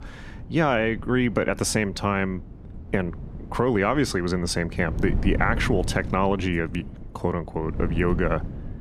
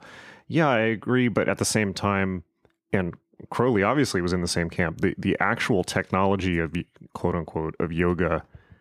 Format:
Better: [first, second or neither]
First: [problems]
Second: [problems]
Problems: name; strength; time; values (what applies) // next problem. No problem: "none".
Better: second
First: wind noise on the microphone; occasional gusts; 20 dB below the speech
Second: none